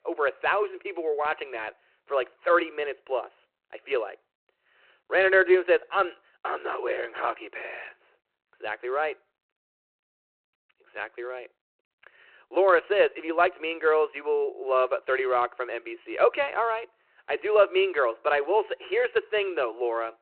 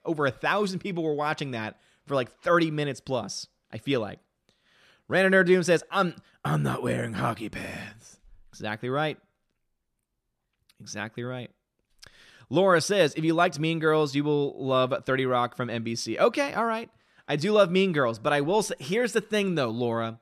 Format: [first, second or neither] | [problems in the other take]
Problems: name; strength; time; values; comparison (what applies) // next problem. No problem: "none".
second | phone-call audio; nothing above 4 kHz